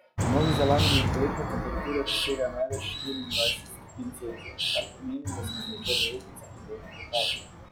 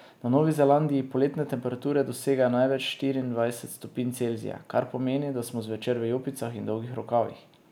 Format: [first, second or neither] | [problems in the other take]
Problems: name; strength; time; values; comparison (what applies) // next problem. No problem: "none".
second | noise reduction (classical method log-MMSE)